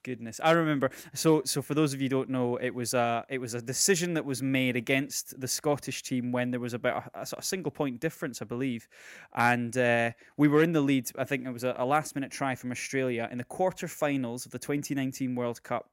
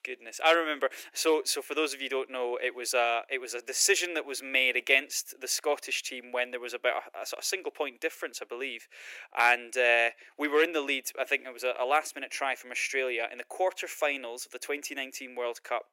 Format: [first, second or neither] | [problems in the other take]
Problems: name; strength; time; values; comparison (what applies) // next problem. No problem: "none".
first | thin; very; fading below 350 Hz